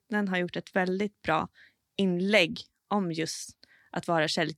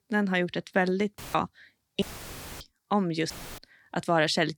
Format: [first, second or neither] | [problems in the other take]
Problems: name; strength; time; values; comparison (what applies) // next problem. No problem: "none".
first | audio cutting out; filled with static; at 1 s, at 2 s for 0.5 s and at 3.5 s